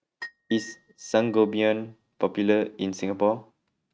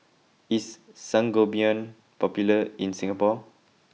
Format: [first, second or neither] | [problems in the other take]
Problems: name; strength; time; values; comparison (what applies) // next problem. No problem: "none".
second | noise reduction (neural mask model RNNoise)